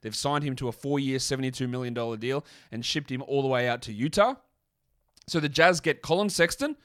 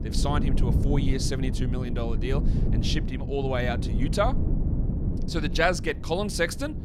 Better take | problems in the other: first | wind noise on the microphone; heavy; 10 dB below the speech

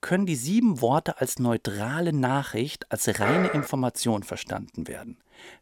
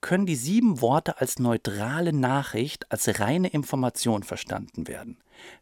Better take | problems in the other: second | dog barking; loud; at 3 s; peak level with the speech

